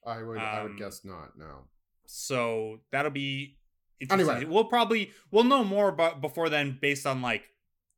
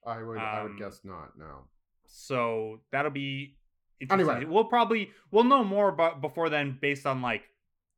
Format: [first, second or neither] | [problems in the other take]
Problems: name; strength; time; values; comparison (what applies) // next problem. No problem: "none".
first | muffled; slightly; fading above 4 kHz